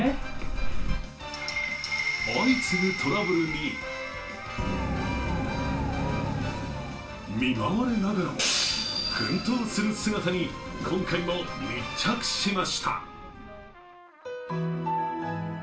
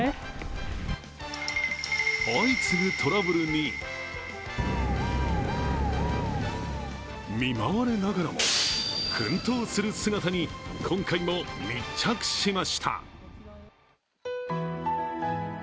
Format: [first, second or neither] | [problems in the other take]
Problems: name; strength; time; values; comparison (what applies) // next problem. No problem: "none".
second | background sound (Trumpet); 19 dB below the speech // room echo; dies away in 0.3 s